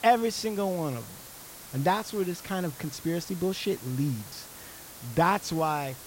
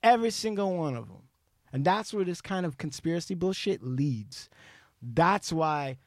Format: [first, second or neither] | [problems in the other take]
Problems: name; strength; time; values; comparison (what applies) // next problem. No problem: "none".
second | hiss; noticeable; throughout; 15 dB below the speech